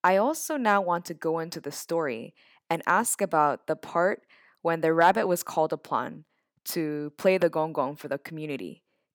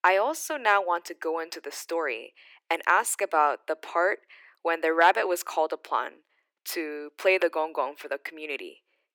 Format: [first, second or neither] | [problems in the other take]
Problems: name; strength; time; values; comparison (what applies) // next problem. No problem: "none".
first | thin; very; fading below 350 Hz